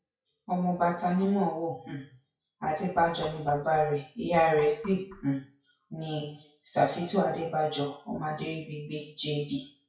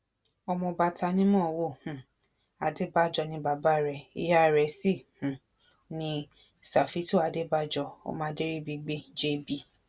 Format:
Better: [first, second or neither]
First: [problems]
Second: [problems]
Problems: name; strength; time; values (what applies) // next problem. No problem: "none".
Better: second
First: noise reduction (classical method WPE with log-MMSE)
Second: none